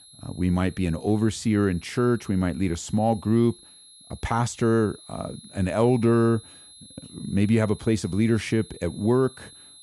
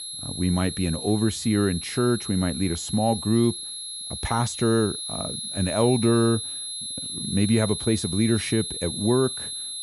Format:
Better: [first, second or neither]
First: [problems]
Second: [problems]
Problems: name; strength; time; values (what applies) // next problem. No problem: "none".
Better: first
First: high-pitched whine; faint; throughout; 11 kHz, 20 dB below the speech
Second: high-pitched whine; loud; throughout; 11 kHz, 6 dB below the speech